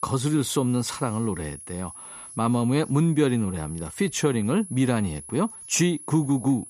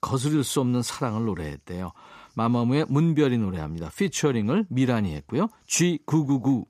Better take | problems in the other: second | high-pitched whine; noticeable; throughout; 10.5 kHz, 15 dB below the speech

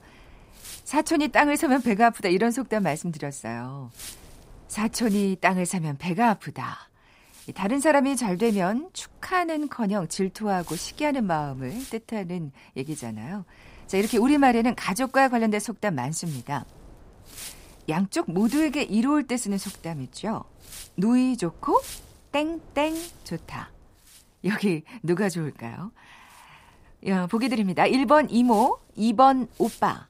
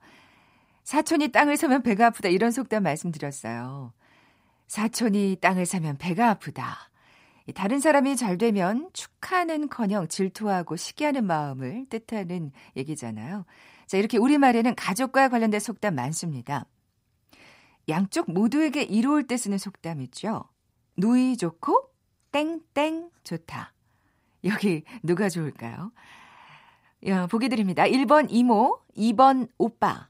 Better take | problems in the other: second | wind noise on the microphone; occasional gusts; 20 dB below the speech

